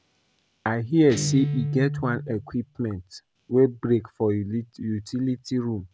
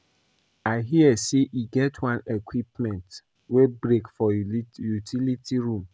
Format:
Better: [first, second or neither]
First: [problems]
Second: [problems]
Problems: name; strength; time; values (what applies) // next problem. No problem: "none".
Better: second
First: background sound (Guitar); 6 dB below the speech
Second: none